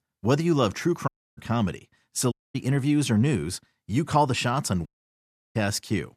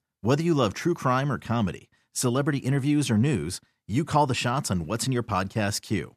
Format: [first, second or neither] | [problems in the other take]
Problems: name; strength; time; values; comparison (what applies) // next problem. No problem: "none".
second | audio cutting out; at 1 s, at 2.5 s and at 5 s for 0.5 s